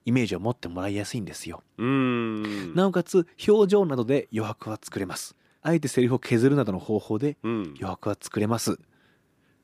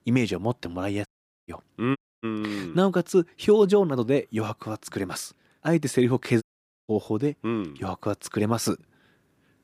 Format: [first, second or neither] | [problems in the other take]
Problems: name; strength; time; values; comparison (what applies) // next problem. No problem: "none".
first | audio cutting out; at 1 s, at 2 s and at 6.5 s